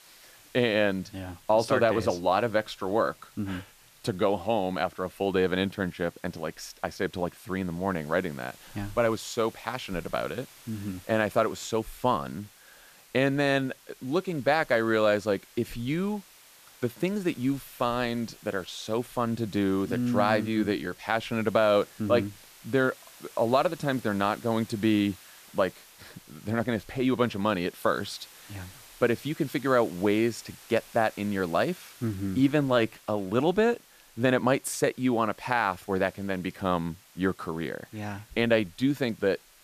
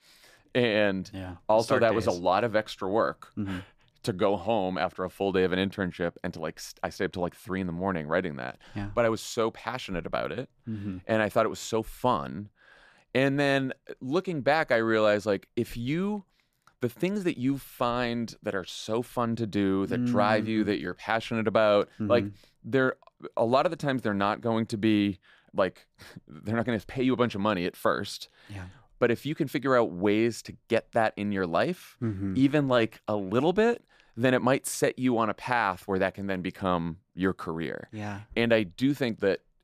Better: second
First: hiss; faint; throughout; 25 dB below the speech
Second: none

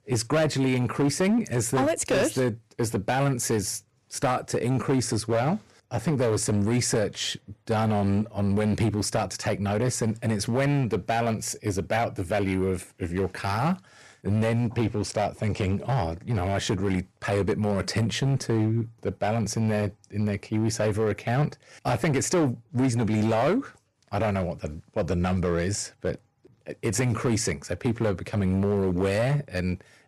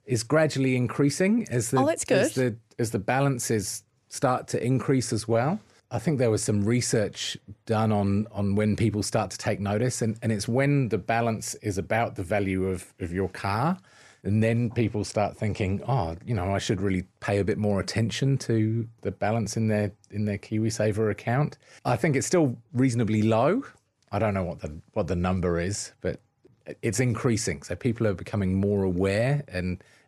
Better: second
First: distortion; slight; 9% of the sound clipped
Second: none

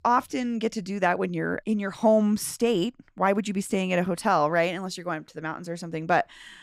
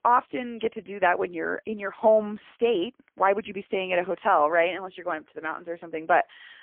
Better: first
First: none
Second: phone-call audio; poor line; nothing above 3 kHz

